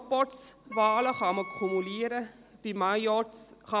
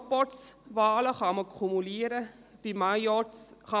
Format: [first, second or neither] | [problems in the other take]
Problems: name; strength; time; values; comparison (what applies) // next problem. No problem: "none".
second | background sound (Wind instrument, woodwind instrument); 13 dB below the speech